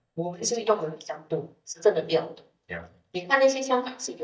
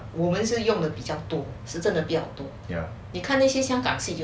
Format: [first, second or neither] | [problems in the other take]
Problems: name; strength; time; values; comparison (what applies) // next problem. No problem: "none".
second | noise reduction (neural mask model DeepFilterNet 3)